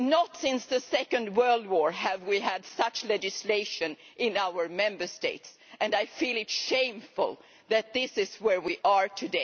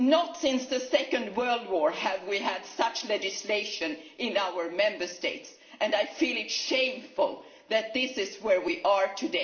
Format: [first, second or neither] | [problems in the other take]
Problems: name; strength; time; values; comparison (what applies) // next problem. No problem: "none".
first | room echo; dies away in 1.1 s